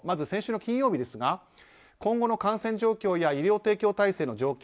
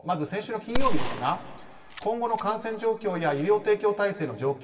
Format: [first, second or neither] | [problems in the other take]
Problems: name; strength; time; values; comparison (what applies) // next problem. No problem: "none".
first | background sound (Gunshot, gunfire); 1 dB below the speech // room echo; dies away in 1.9 s